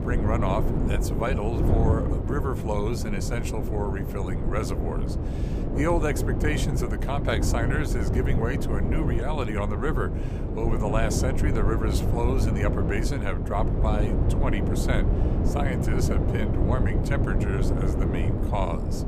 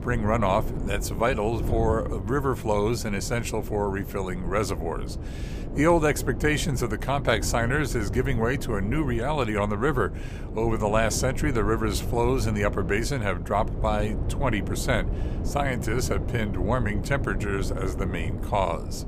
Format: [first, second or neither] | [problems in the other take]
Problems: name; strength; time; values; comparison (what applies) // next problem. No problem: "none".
second | wind noise on the microphone; heavy; 3 dB below the speech; occasional gusts in the second